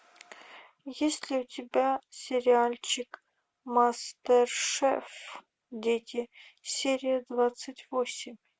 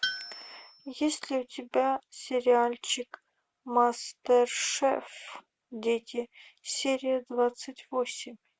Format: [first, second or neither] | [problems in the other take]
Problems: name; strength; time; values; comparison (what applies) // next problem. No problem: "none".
first | background sound (Tools); 12 dB below the speech